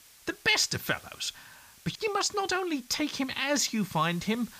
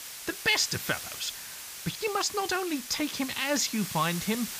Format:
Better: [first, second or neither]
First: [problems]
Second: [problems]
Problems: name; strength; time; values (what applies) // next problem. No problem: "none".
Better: first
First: hiss; faint; throughout; 25 dB below the speech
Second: hiss; loud; throughout; 8 dB below the speech